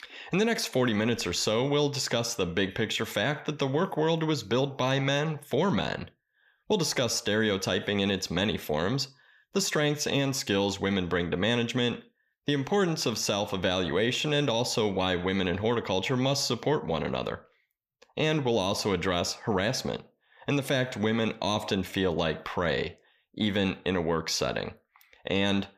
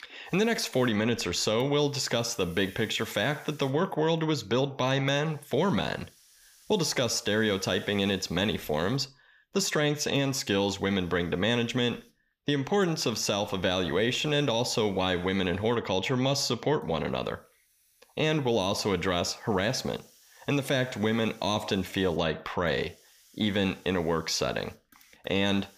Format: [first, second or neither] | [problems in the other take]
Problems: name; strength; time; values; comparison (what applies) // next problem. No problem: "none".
first | hiss; faint; throughout; 30 dB below the speech